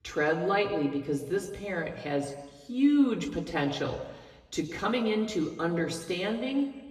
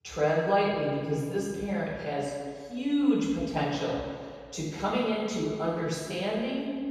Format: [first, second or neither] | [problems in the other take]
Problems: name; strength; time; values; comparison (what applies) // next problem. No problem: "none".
first | room echo; strong; dies away in 1.6 s; slight in the first // off-mic speech; far; somewhat distant in the first